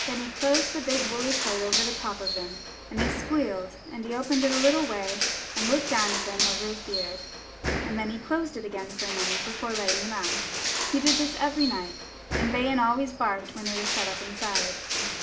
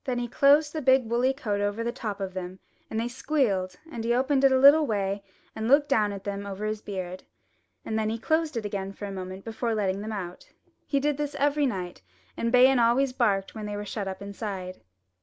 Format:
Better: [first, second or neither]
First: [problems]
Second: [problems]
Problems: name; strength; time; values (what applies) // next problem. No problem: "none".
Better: second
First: background sound (Crushing); 1 dB below the speech // room echo; dies away in 0.5 s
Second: none